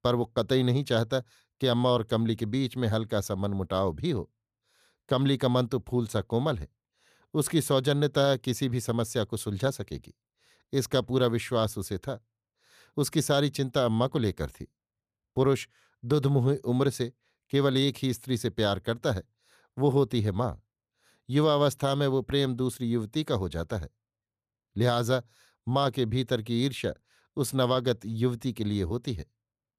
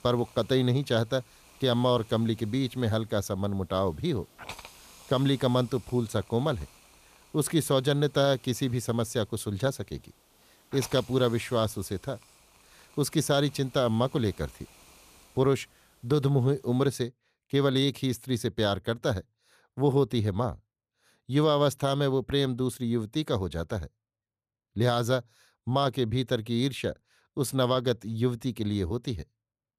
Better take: first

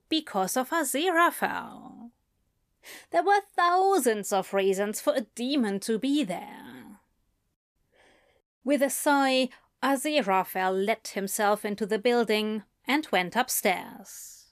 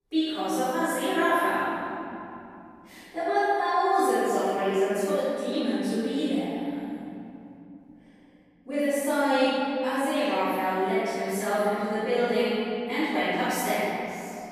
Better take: first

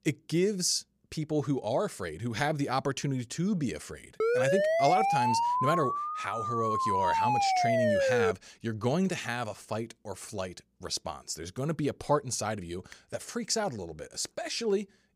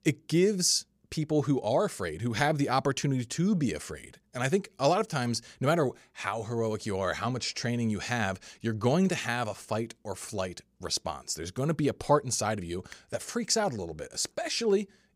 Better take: second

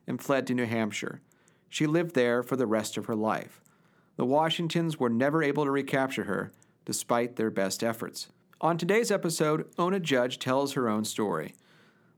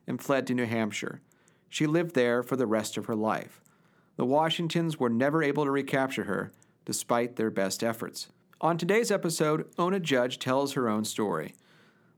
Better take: neither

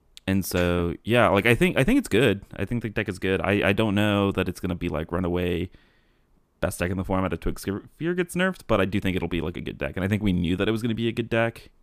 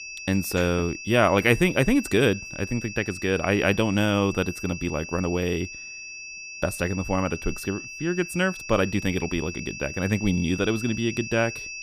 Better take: first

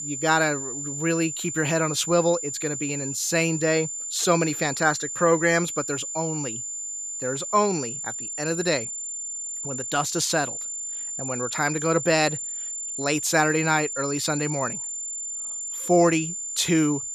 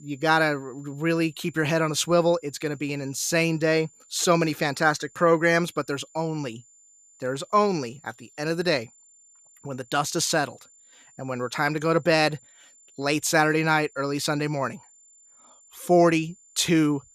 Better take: second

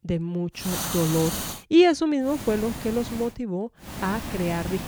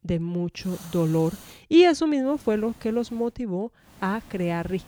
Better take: second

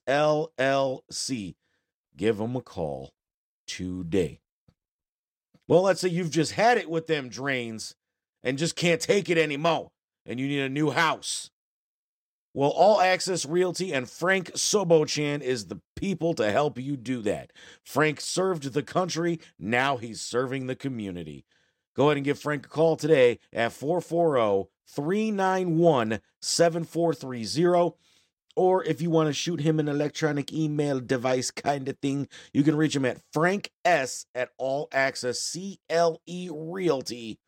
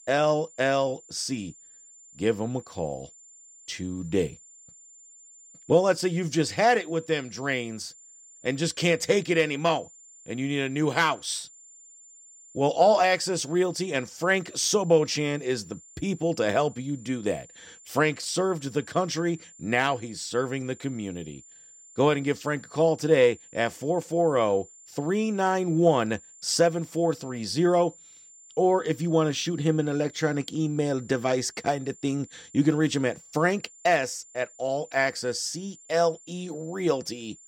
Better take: first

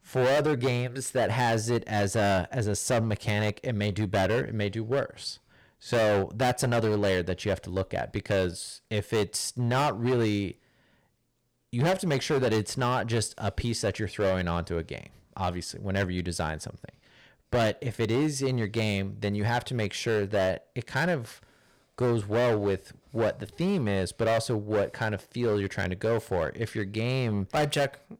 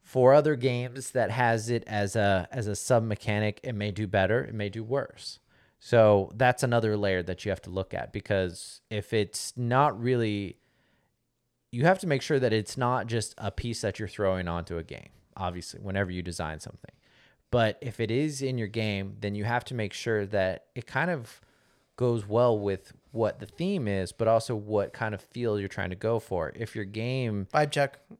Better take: second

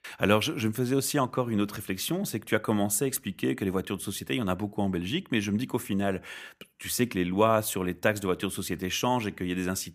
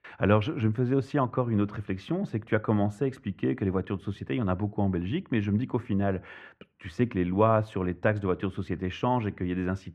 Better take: first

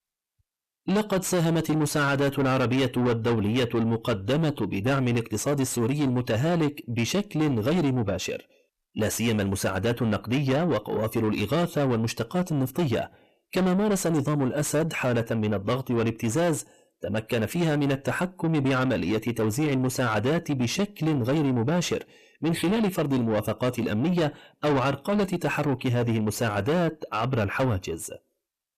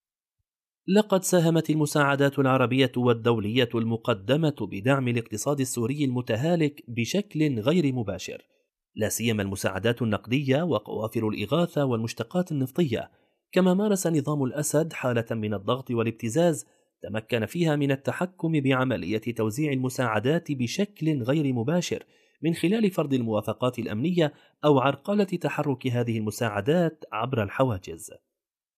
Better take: second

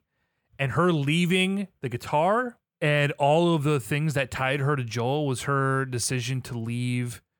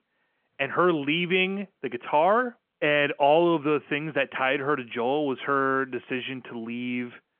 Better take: first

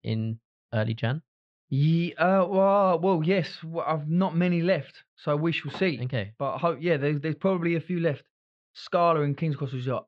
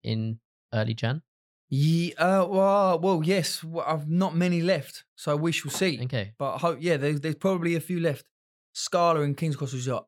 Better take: second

